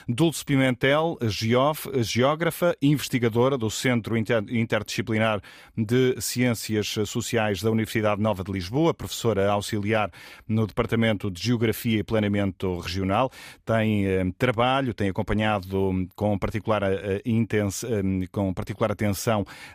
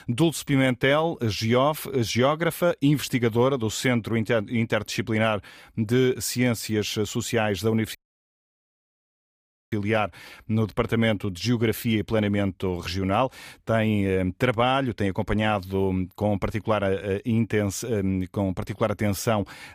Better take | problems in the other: first | audio cutting out; at 8 s for 2 s

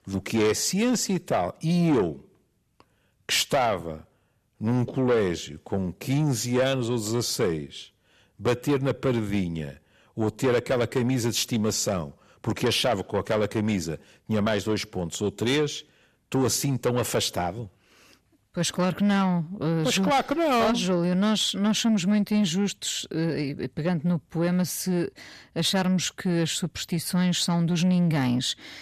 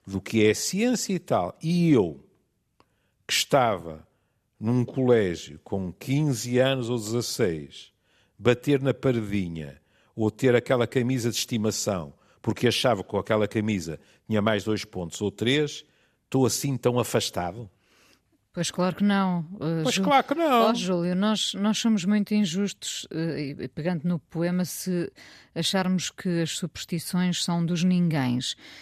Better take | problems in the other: second | distortion; slight; 10 dB below the speech

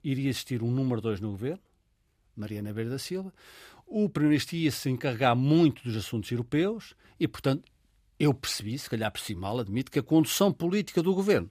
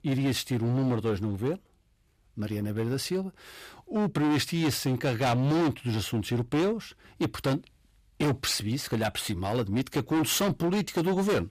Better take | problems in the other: first | distortion; heavy; 15% of the sound clipped

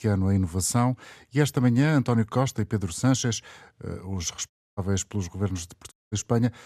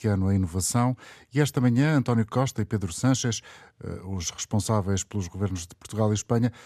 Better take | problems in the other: second | audio cutting out; at 4.5 s and at 6 s

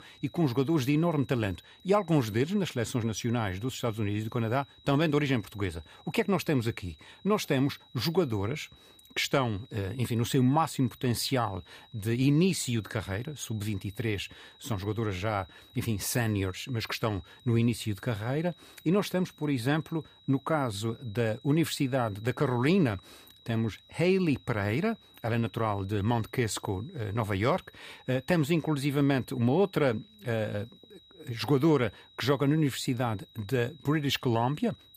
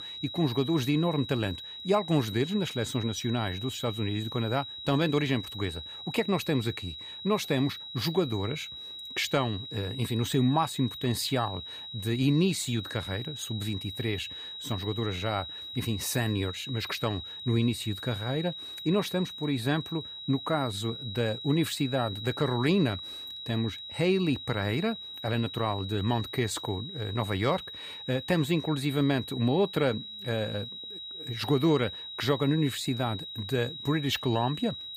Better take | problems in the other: first | high-pitched whine; loud; throughout; 4 kHz, 9 dB below the speech; faint in the first

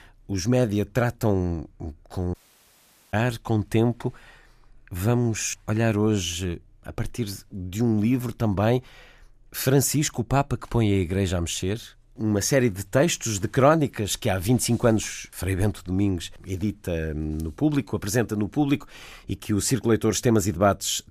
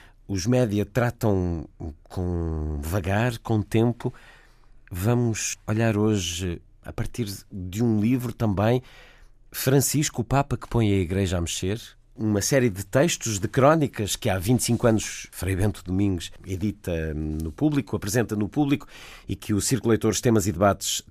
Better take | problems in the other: second | audio cutting out; at 2.5 s for 1 s

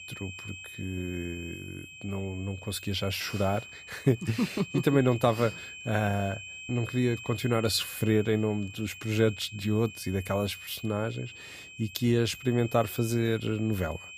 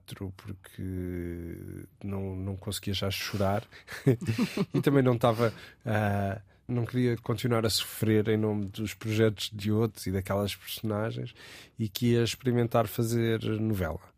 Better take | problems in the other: second | high-pitched whine; noticeable; throughout; 2.5 kHz, 15 dB below the speech

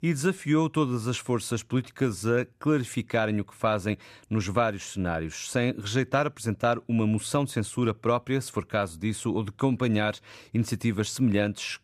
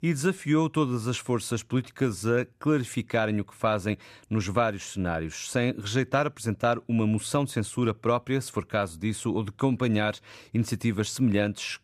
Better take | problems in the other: neither | none

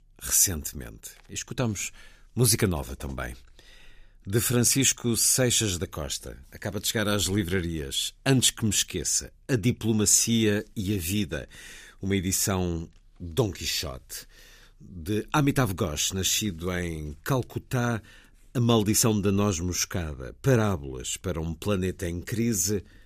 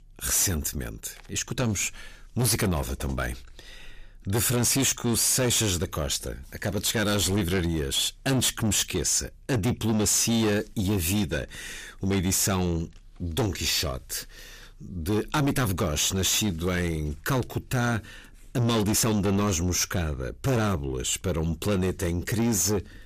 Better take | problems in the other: first | distortion; heavy; 6 dB below the speech

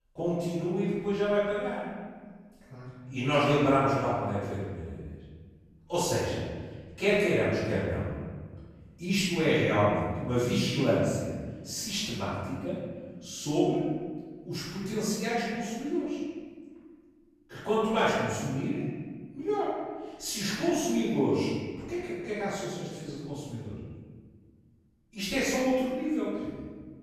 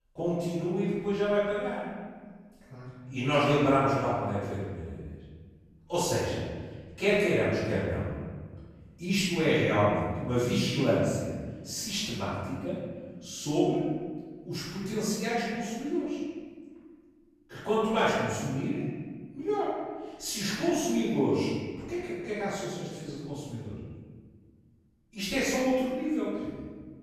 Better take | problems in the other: neither | room echo; strong; dies away in 1.5 s; the same in both // off-mic speech; far; the same in both

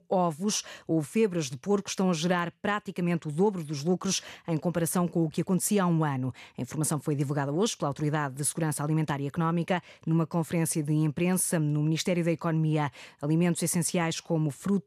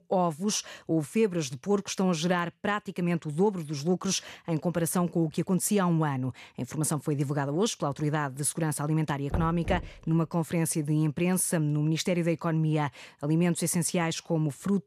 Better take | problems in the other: first | door banging; noticeable; at 9.5 s; peak 7 dB below the speech

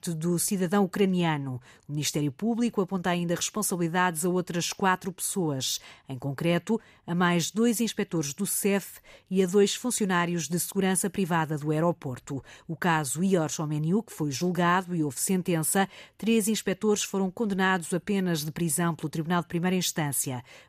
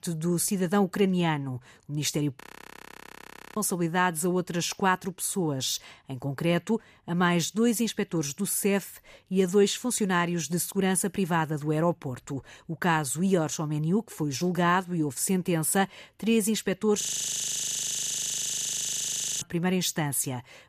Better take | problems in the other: first | audio freezing; at 2.5 s for 1 s and at 17 s for 2.5 s

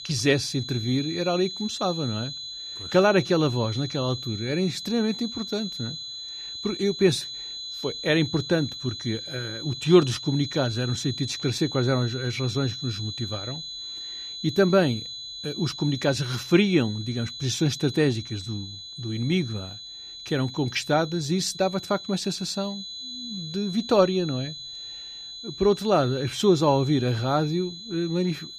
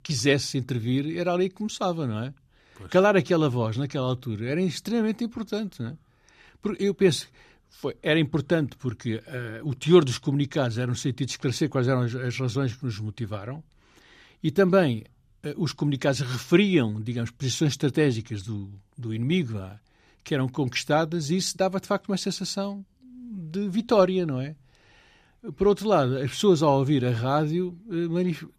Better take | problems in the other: second | high-pitched whine; loud; throughout; 4 kHz, 9 dB below the speech

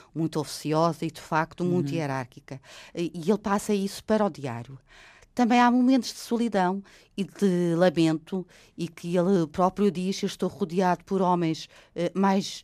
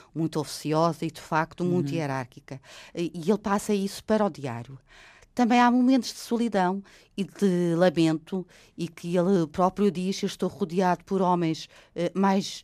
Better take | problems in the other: neither | none

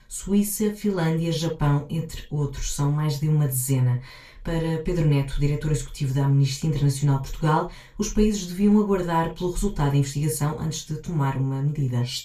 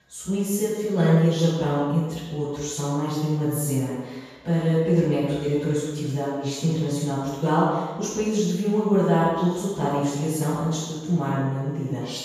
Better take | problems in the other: first | room echo; strong; dies away in 1.2 s; slight in the first // off-mic speech; far; far in the first

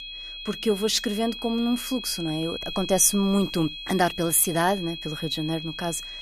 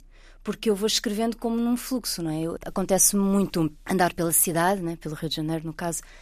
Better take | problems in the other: second | high-pitched whine; loud; throughout; 3.5 kHz, 9 dB below the speech

